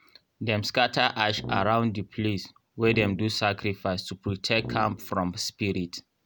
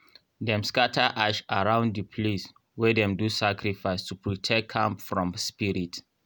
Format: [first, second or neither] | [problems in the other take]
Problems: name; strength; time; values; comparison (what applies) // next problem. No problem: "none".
second | background sound (Brass instrument); 12 dB below the speech